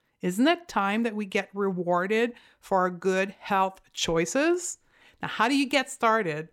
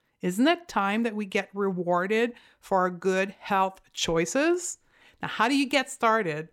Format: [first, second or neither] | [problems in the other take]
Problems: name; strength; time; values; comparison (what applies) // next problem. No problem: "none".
neither | none